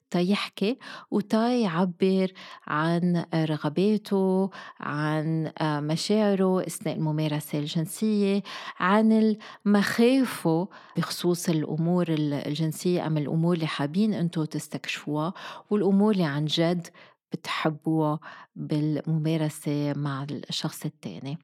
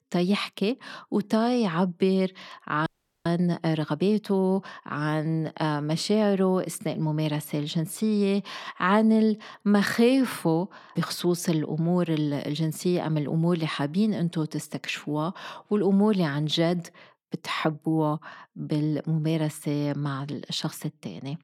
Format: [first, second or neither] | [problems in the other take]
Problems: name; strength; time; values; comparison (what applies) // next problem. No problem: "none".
first | audio freezing; at 3 s